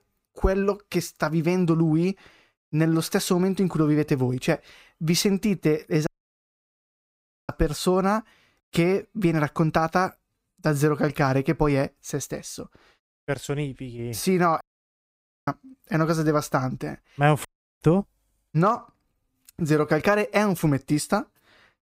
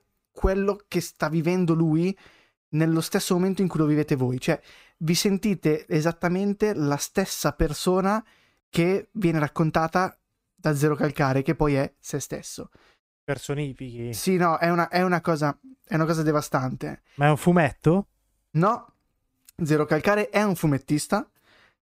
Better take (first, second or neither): second